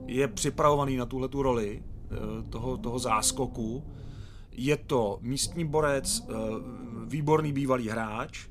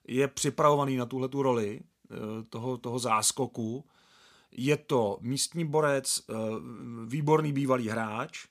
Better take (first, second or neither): second